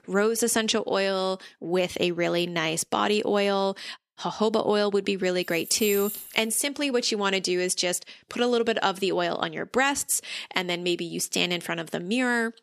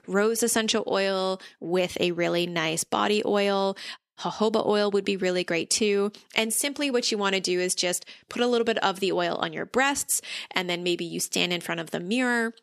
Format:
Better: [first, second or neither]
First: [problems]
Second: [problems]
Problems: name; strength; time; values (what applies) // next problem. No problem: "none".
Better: second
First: jangling keys; noticeable; at 5.5 s; peak 6 dB below the speech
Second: none